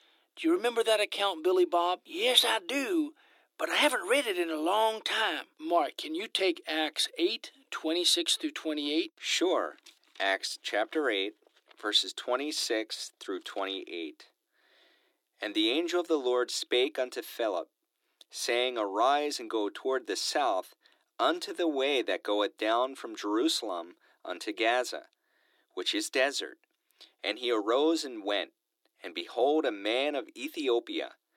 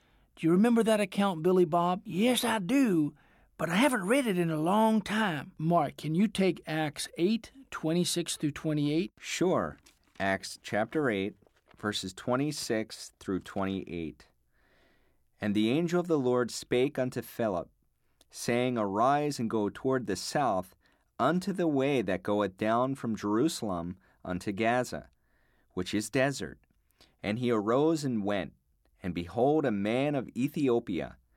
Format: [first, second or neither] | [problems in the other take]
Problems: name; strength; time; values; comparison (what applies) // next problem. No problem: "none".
second | thin; somewhat; fading below 300 Hz